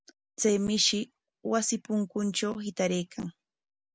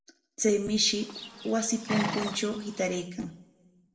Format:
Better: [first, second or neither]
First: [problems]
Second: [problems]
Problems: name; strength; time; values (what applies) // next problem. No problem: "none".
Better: first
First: none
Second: background sound (Livestock, farm animals, working animals); 7 dB below the speech // room echo; dies away in 0.6 s